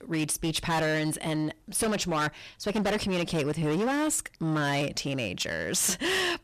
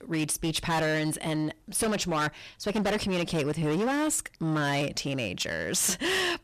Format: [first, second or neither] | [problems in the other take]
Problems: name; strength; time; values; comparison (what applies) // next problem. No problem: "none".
neither | distortion; heavy; 20% of the sound clipped; the same in both